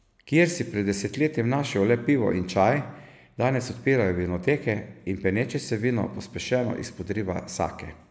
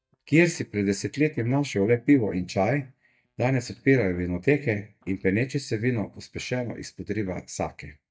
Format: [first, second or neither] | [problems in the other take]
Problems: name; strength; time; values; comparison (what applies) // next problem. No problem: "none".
first | noise reduction (neural mask model DeepFilterNet 3)